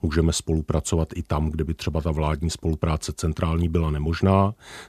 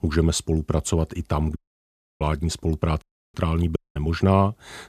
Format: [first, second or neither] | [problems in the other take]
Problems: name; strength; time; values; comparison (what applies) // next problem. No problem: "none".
first | audio cutting out; at 1.5 s for 0.5 s, at 3 s and at 4 s